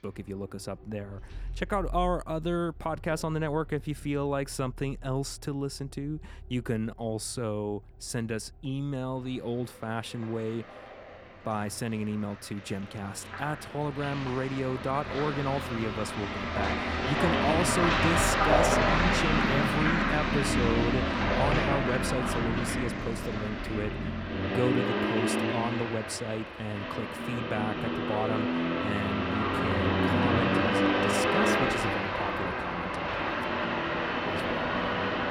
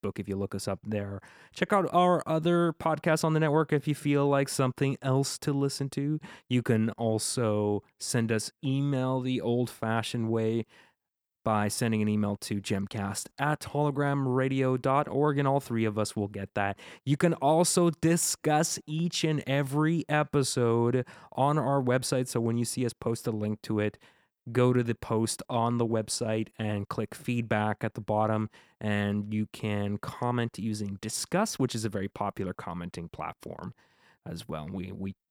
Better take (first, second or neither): second